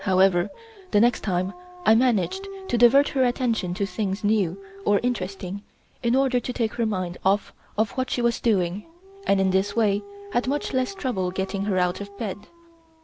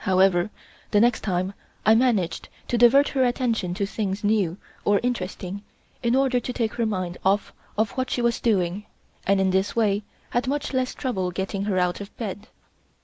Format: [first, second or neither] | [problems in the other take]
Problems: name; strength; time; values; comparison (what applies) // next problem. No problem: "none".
second | background sound (Dog); 19 dB below the speech